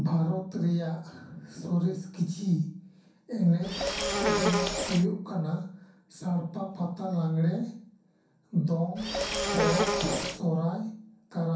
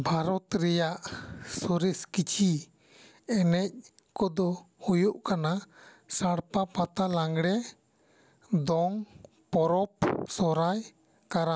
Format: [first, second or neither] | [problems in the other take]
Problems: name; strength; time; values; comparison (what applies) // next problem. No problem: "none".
second | background sound (Insect); 1 dB above the speech // room echo; dies away in 0.6 s